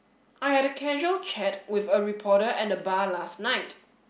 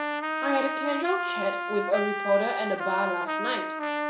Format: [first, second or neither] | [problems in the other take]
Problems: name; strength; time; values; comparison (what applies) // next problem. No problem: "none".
first | background sound (Trumpet); 1 dB below the speech // room echo; dies away in 0.5 s